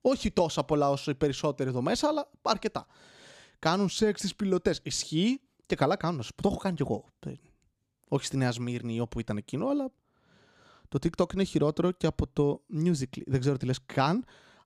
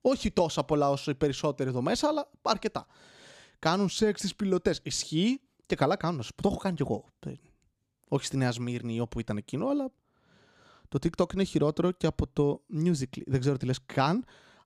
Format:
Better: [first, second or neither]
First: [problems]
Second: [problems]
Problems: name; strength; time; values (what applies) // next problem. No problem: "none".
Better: neither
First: none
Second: none